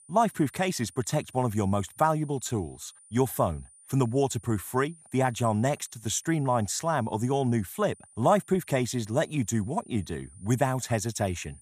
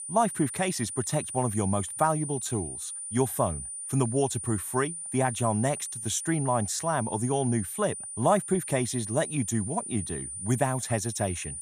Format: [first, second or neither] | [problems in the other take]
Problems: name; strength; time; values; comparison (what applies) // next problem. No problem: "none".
first | high-pitched whine; loud; throughout; 9.5 kHz, 6 dB below the speech; faint in the first